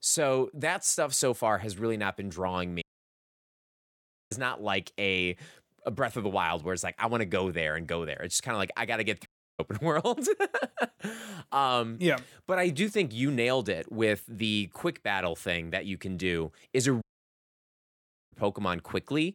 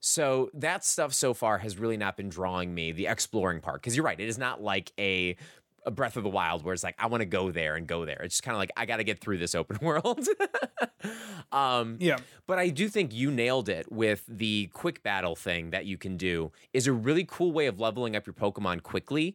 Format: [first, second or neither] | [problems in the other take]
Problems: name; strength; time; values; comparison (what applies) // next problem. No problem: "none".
second | audio cutting out; at 3 s for 1.5 s, at 9.5 s and at 17 s for 1.5 s